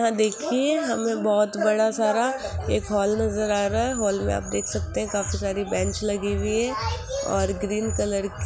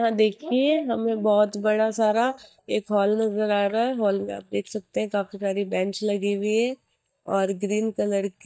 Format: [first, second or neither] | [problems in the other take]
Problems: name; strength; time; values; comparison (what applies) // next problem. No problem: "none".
first | noise reduction (neural mask model DeepFilterNet 3)